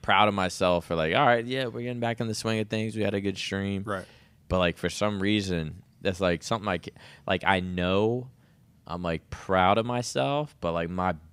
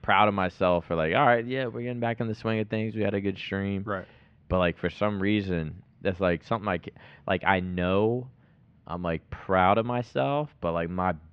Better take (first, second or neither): first